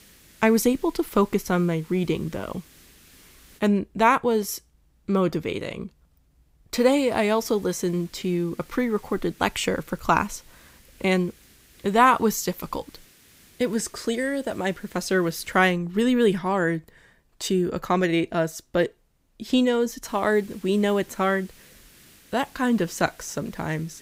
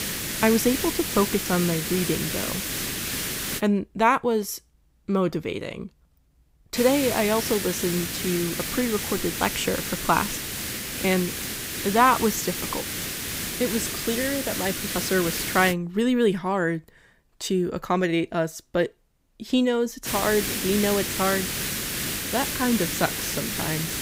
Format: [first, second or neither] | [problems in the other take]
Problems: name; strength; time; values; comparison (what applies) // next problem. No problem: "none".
first | hiss; loud; until 3.5 s, from 7 to 16 s and from 20 s on; 3 dB below the speech; faint in the first